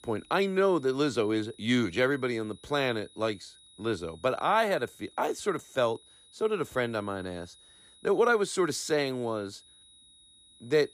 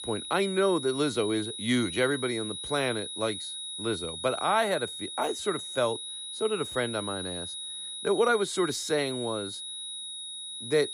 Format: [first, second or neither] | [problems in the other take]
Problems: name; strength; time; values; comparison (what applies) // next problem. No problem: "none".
first | high-pitched whine; loud; throughout; 4 kHz, 6 dB below the speech; faint in the first